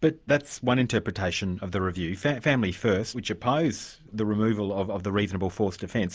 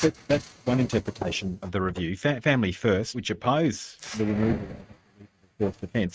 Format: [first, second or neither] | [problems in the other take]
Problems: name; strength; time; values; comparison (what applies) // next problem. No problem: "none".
first | noise reduction (neural mask model RNNoise)